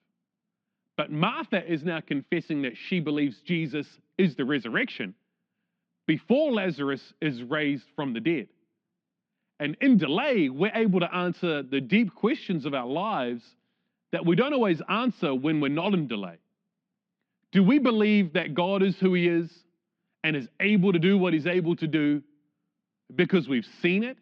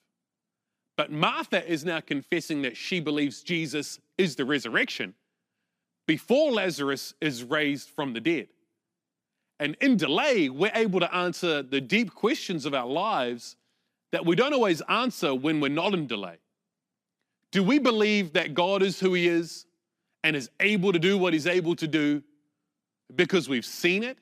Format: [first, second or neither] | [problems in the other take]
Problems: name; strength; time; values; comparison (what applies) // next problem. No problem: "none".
second | muffled; slightly; fading above 3.5 kHz